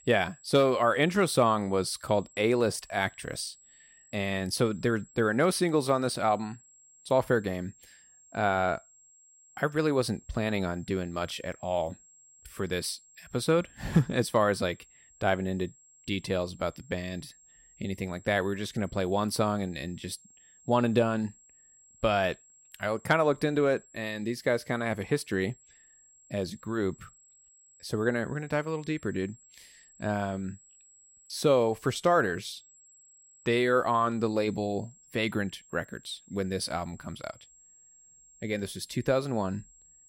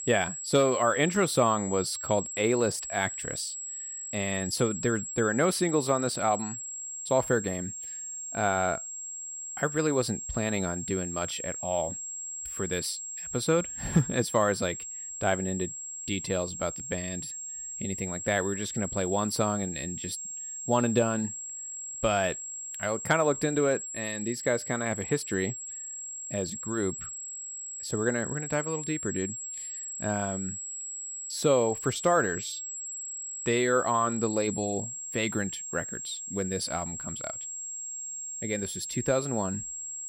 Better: first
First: high-pitched whine; faint; throughout; 7.5 kHz, 25 dB below the speech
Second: high-pitched whine; loud; throughout; 7.5 kHz, 6 dB below the speech

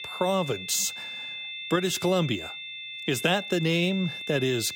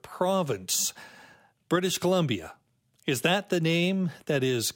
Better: second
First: high-pitched whine; loud; throughout; 3.5 kHz, 8 dB below the speech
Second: none

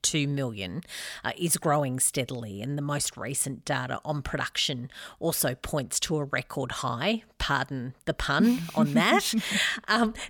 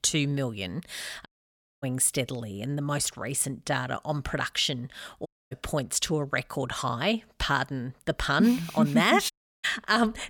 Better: first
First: none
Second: audio cutting out; at 1.5 s for 0.5 s, at 5.5 s and at 9.5 s

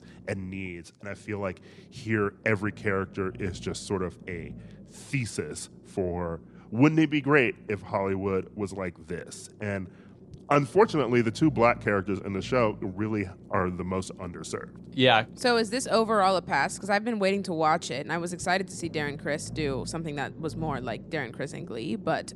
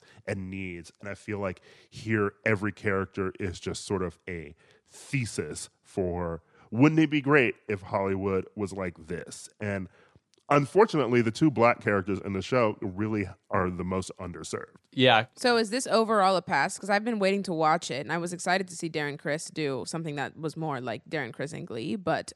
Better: second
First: low rumble; faint; throughout; 25 dB below the speech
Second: none

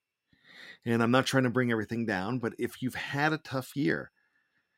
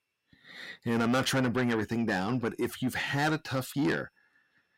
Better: first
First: none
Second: distortion; heavy; 7 dB below the speech

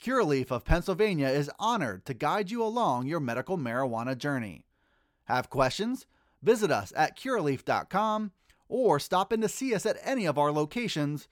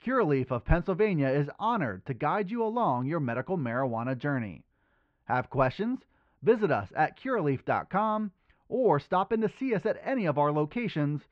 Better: first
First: none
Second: muffled; very; fading above 2.5 kHz

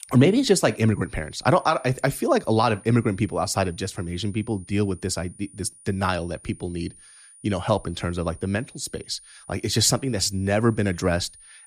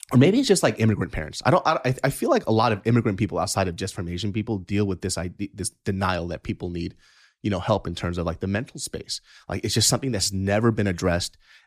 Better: second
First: high-pitched whine; faint; throughout; 9.5 kHz, 25 dB below the speech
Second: none

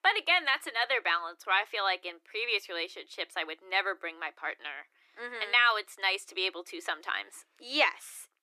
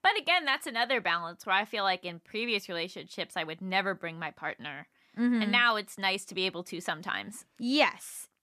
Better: second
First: thin; very; fading below 300 Hz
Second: none

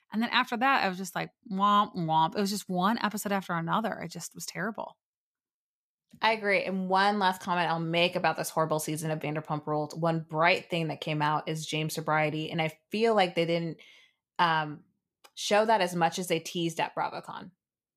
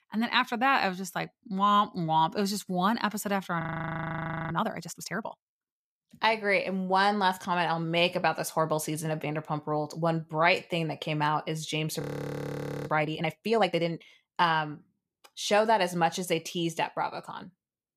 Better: first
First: none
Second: audio freezing; at 3.5 s for 1 s and at 12 s for 1 s

